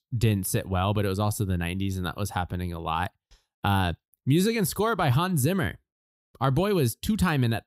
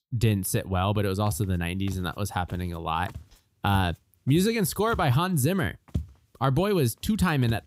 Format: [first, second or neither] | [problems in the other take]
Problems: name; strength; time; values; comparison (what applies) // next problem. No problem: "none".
first | footsteps; noticeable; from 1.5 s on; peak 9 dB below the speech